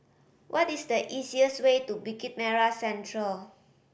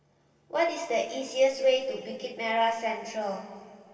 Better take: first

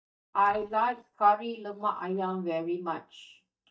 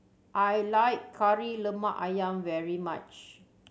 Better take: second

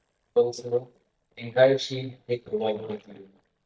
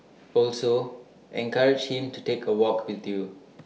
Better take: second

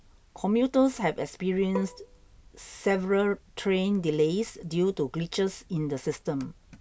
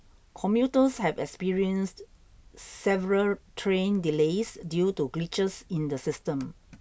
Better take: second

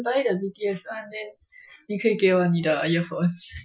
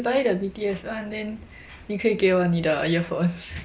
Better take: second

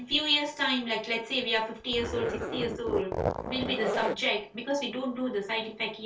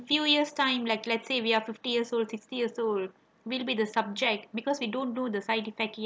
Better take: second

